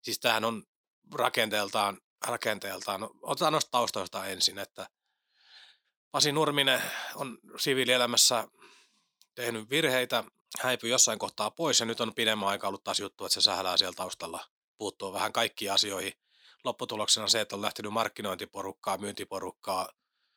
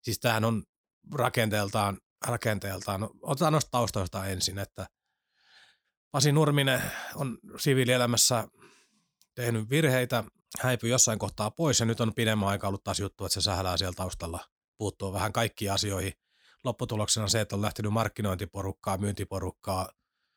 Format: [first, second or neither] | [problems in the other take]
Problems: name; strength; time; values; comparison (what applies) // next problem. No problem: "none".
second | thin; somewhat; fading below 300 Hz